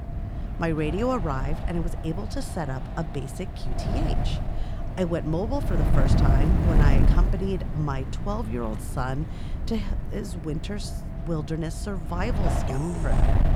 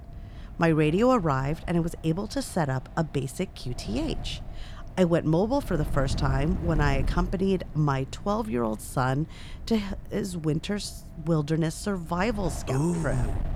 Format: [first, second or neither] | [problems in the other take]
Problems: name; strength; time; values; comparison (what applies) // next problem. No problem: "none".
second | wind noise on the microphone; heavy; 4 dB below the speech; occasional gusts in the second